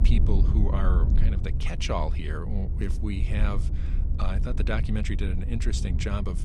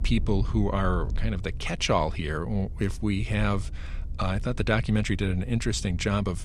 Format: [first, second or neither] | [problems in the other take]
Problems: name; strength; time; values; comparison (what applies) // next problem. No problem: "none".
second | low rumble; loud; throughout; 8 dB below the speech; faint in the second